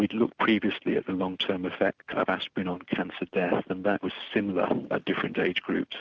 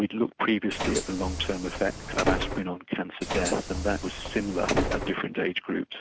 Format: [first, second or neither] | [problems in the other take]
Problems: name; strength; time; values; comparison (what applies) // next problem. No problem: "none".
first | background sound (Bus); 2 dB below the speech